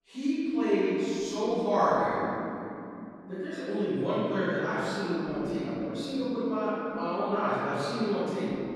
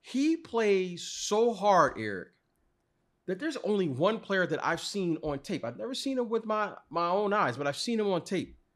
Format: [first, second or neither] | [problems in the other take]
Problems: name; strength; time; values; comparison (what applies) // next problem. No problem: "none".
second | off-mic speech; far // room echo; strong; dies away in 3 s